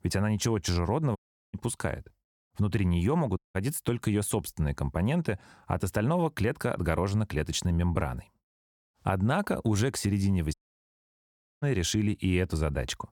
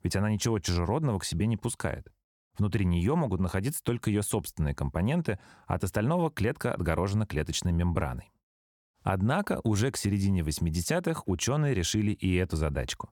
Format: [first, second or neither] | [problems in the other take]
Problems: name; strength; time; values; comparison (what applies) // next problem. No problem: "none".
second | audio cutting out; at 1 s, at 3.5 s and at 11 s for 1 s